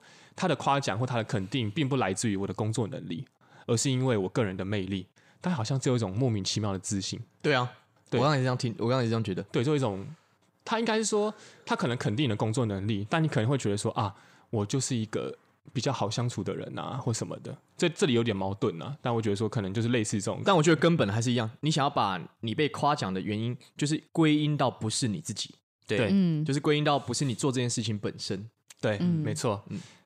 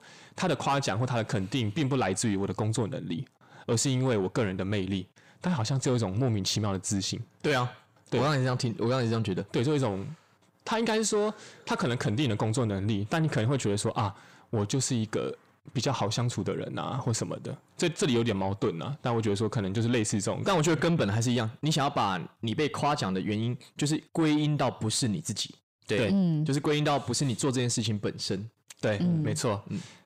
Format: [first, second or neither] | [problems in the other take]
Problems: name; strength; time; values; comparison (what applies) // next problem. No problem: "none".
first | distortion; slight; 10 dB below the speech